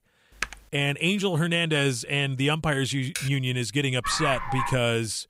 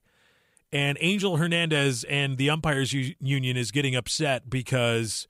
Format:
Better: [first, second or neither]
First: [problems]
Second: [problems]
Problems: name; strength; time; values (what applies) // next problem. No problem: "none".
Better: second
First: keyboard typing; noticeable; at 0.5 s and at 3 s; peak 9 dB below the speech // dog barking; noticeable; at 4 s; peak 3 dB below the speech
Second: none